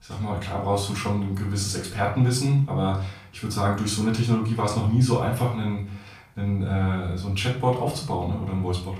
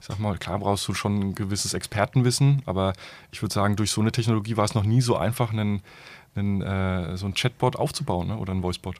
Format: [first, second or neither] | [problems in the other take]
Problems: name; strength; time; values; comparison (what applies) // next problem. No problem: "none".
second | room echo; slight; dies away in 0.4 s // off-mic speech; far